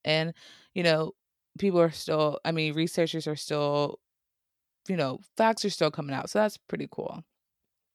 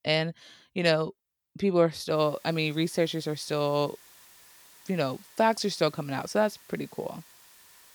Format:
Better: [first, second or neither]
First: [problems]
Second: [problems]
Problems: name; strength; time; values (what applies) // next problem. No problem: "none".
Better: first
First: none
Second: hiss; faint; from 2 s on; 25 dB below the speech